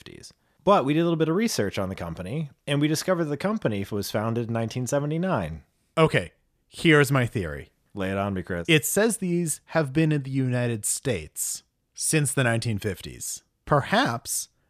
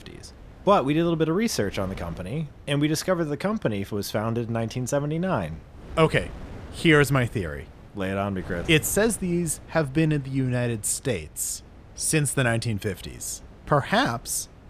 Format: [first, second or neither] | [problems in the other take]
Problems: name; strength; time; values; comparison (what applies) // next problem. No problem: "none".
first | wind noise on the microphone; occasional gusts; 25 dB below the speech